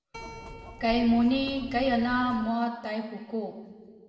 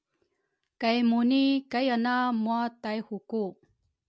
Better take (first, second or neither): second